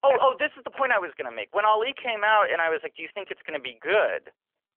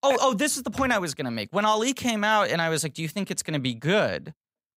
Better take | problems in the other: second | phone-call audio; nothing above 3 kHz

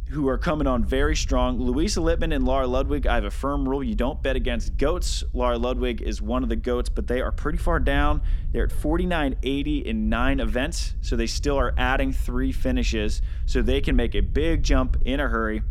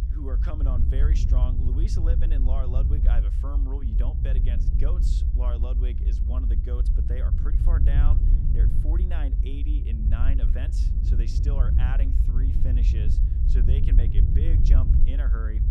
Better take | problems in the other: first | low rumble; loud; throughout; 1 dB below the speech; faint in the first

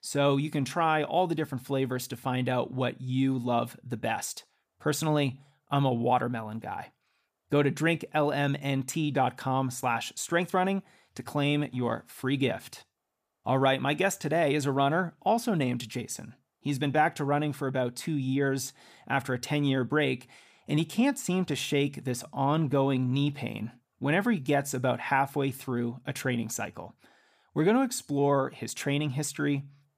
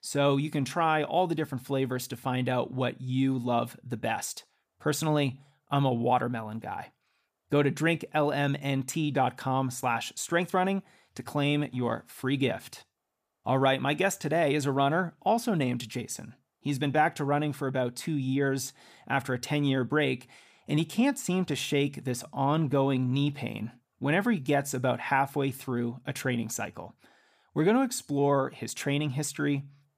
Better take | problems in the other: neither | none

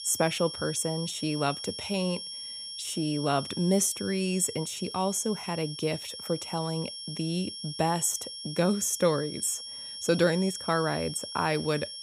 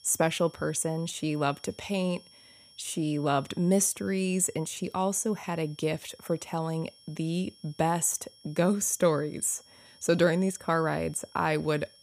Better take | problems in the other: second | high-pitched whine; loud; throughout; 5.5 kHz, 8 dB below the speech; faint in the second

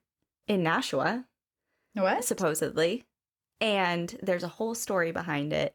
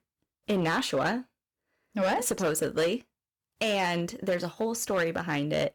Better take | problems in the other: first | distortion; slight; 6% of the sound clipped

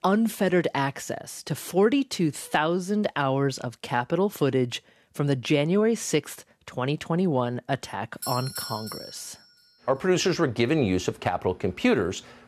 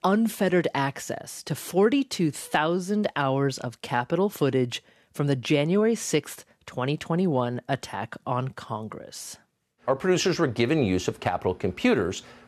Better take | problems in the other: second | doorbell; noticeable; from 8 to 9.5 s; peak 6 dB below the speech

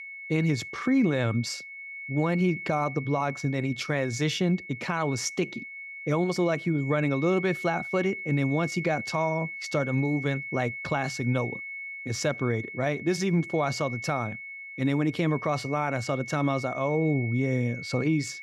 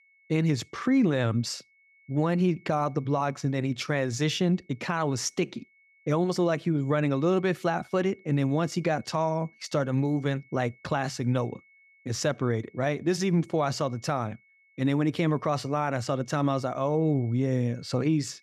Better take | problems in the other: second | high-pitched whine; loud; throughout; 2 kHz, 9 dB below the speech; faint in the second

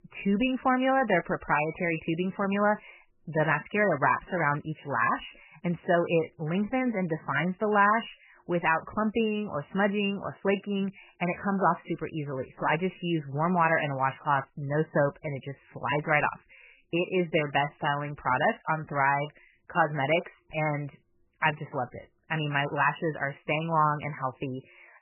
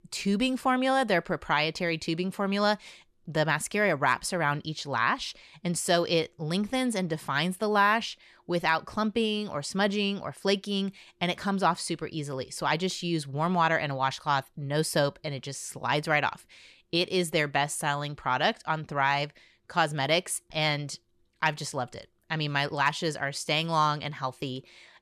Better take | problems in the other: second | garbled, watery; badly; nothing above 3 kHz

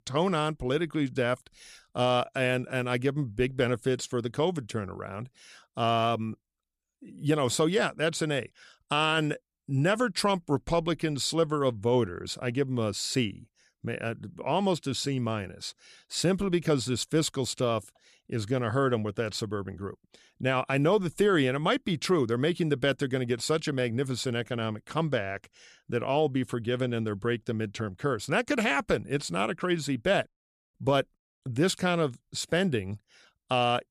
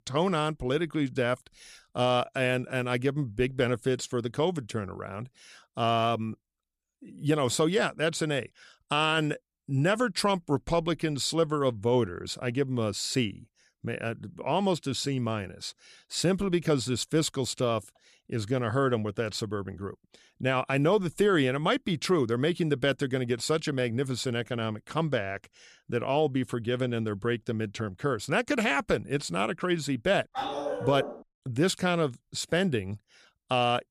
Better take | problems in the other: first | dog barking; noticeable; at 30 s; peak 3 dB below the speech

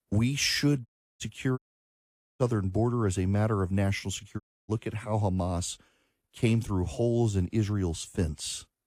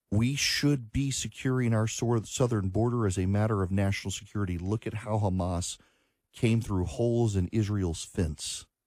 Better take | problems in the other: second | audio cutting out; at 1 s, at 1.5 s for 1 s and at 4.5 s

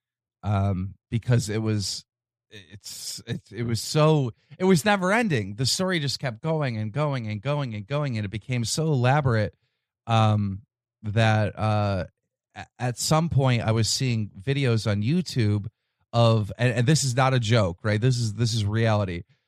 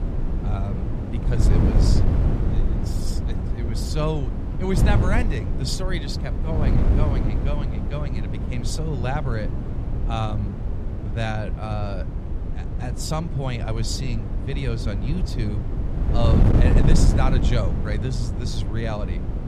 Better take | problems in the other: first | wind noise on the microphone; heavy; 3 dB below the speech

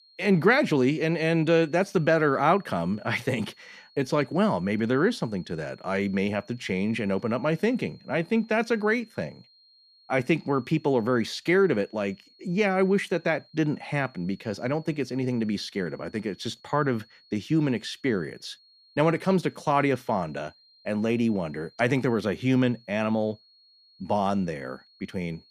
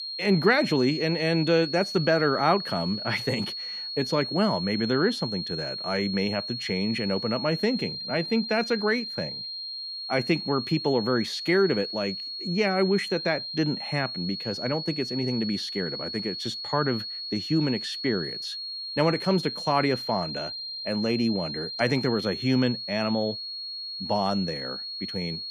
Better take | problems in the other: first | high-pitched whine; loud; throughout; 4.5 kHz, 5 dB below the speech; faint in the first

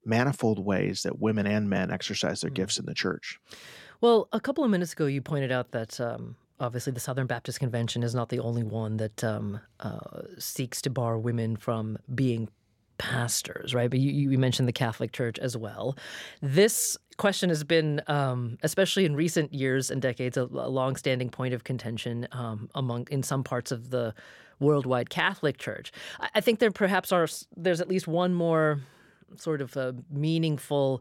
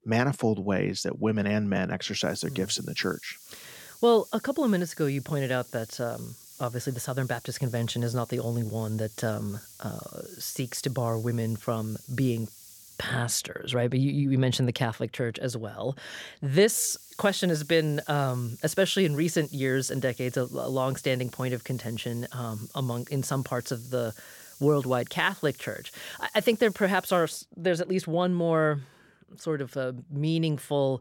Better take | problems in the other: first | hiss; noticeable; from 2 to 13 s and from 17 to 27 s; 20 dB below the speech

